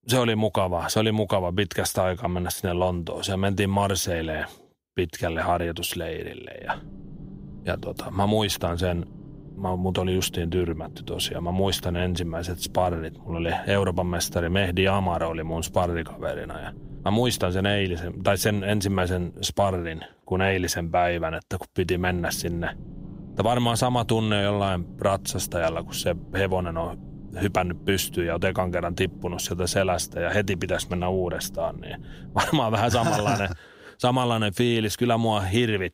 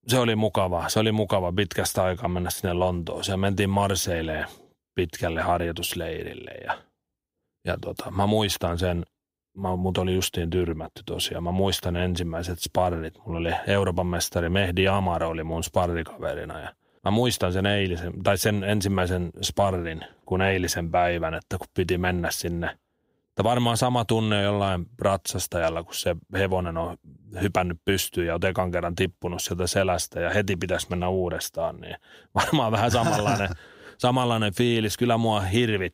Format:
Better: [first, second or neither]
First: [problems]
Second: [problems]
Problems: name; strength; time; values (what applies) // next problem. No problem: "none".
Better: second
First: low rumble; faint; from 6.5 to 19 s and from 22 to 33 s; 25 dB below the speech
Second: none